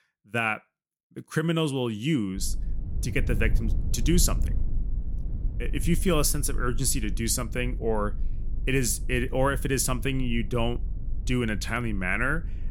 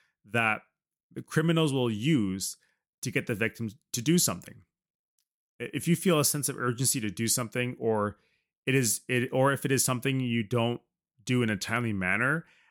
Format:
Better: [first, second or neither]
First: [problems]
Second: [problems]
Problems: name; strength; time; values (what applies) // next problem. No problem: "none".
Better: second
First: low rumble; faint; from 2.5 s on; 20 dB below the speech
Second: none